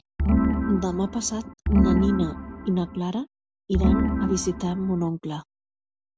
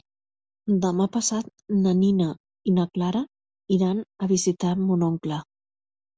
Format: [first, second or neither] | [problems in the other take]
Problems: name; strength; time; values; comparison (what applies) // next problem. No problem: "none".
second | background sound (Organ); 3 dB above the speech